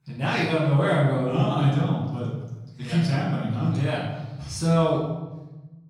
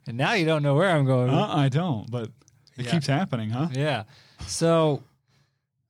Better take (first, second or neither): second